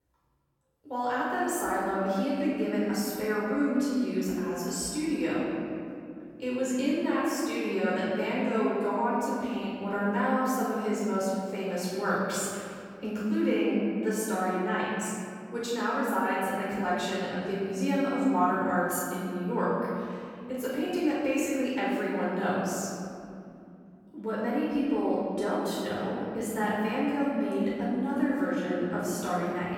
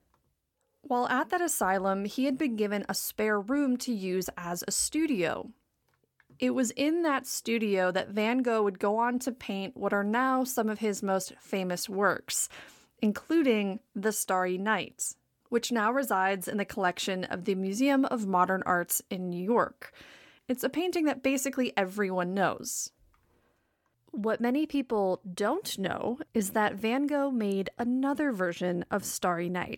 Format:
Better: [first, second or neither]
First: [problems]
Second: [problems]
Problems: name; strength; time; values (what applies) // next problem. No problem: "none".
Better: second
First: off-mic speech; far // room echo; strong; dies away in 2.5 s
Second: none